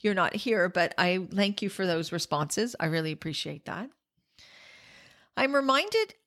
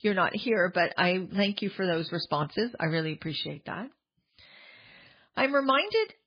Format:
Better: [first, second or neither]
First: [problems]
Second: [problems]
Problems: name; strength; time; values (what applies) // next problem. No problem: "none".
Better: first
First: none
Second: garbled, watery; badly